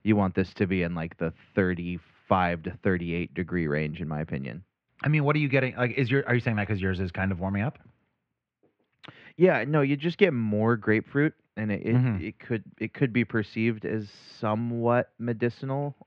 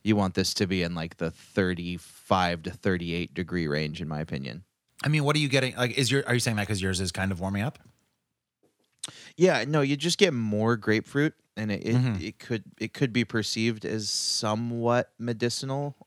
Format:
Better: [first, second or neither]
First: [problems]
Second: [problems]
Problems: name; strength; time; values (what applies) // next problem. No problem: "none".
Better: second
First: muffled; very; fading above 2.5 kHz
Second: none